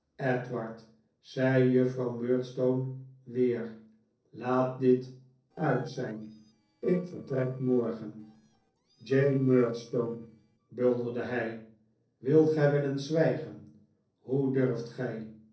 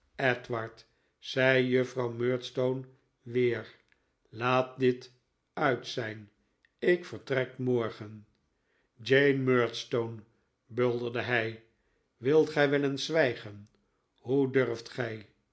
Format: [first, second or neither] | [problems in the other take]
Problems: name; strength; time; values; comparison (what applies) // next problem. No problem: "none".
second | noise reduction (neural separator model SepFormer DNS4)